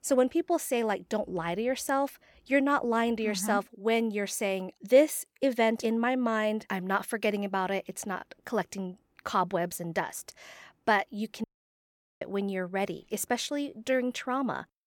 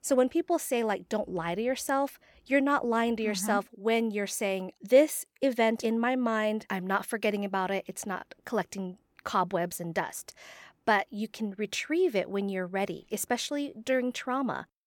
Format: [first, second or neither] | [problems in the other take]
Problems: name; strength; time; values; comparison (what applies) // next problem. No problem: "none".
second | audio cutting out; at 11 s for 1 s